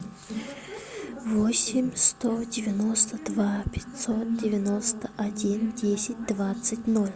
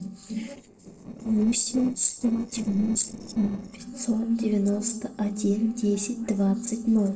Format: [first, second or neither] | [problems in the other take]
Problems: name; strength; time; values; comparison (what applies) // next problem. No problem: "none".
first | noise reduction (neural separator model SepFormer DNS4)